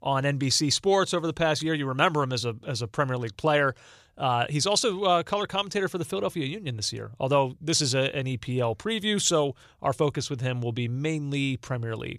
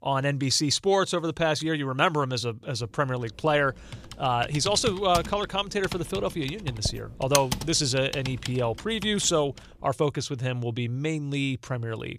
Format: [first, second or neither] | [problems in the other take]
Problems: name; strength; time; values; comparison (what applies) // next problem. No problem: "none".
first | keyboard typing; noticeable; from 4 to 9 s; peak 1 dB below the speech